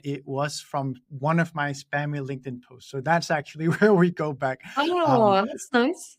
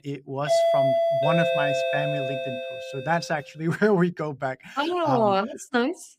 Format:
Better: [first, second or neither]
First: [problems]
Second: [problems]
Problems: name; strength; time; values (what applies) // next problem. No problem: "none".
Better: first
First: none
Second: doorbell; loud; until 3 s; peak 6 dB above the speech